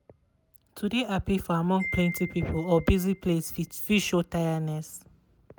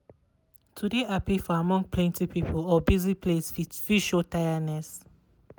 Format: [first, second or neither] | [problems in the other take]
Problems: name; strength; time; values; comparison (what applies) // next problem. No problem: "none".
second | background sound (Wind chime); 17 dB below the speech